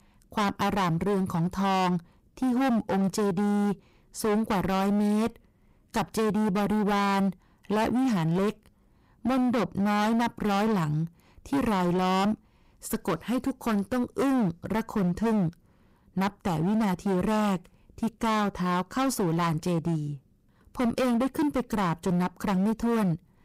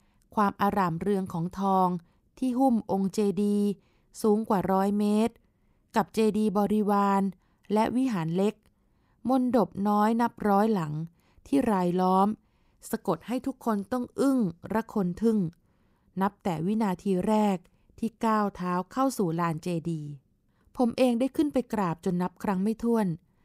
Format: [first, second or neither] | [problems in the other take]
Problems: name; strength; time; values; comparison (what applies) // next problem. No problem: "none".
second | distortion; heavy; 25% of the sound clipped